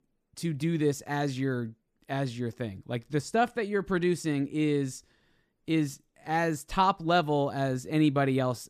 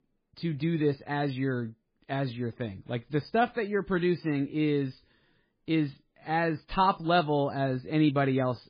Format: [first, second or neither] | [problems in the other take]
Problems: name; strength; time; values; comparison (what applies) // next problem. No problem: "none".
first | garbled, watery; badly; nothing above 4 kHz